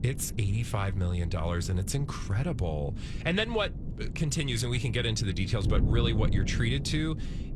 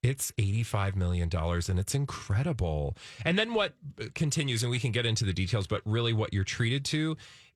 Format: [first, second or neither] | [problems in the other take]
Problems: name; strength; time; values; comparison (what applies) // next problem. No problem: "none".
second | wind noise on the microphone; occasional gusts; 10 dB below the speech